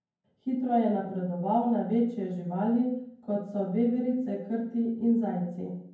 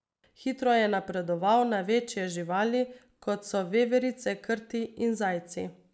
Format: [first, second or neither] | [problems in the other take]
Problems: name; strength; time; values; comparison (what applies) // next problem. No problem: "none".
second | room echo; dies away in 0.9 s